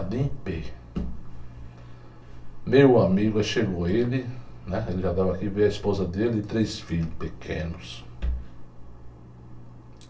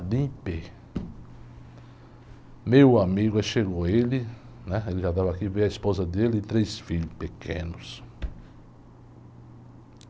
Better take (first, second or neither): second